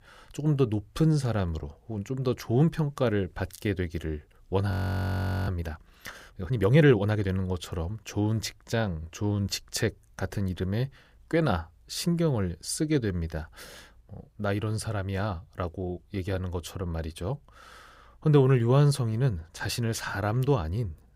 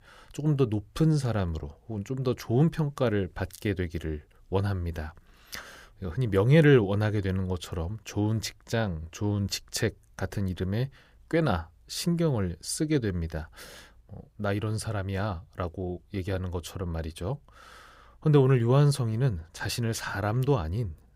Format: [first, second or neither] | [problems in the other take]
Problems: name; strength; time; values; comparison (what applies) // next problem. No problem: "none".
second | audio freezing; at 4.5 s for 1 s